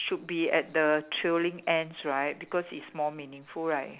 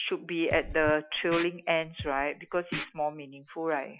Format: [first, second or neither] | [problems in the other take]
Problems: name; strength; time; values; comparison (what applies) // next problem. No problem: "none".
first | noise reduction (classical method Wiener filter)